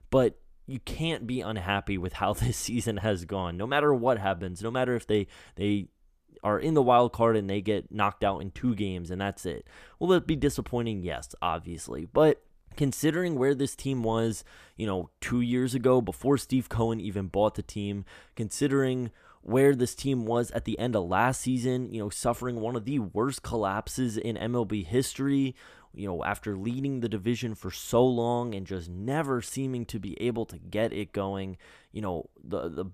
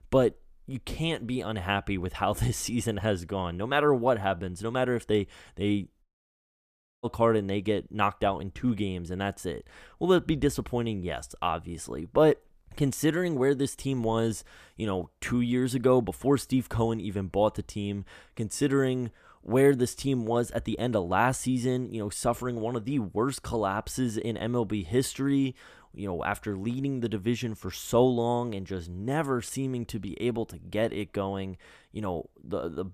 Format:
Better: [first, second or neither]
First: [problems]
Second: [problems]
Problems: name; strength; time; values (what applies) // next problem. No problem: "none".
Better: first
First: none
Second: audio cutting out; at 6 s for 1 s